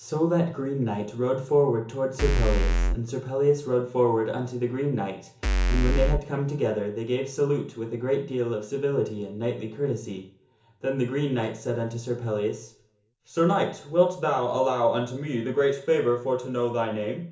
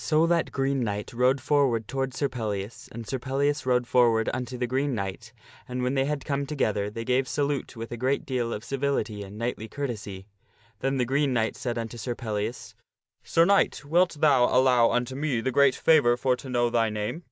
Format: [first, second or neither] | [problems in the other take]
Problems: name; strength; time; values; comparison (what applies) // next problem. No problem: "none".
second | background sound (Bass drum / Keyboard (musical)); 5 dB above the speech // room echo; dies away in 0.7 s